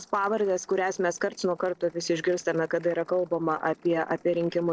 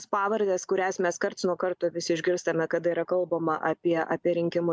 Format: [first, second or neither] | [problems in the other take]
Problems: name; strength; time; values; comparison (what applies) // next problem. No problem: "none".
second | noise reduction (neural separator model SepFormer DNS4)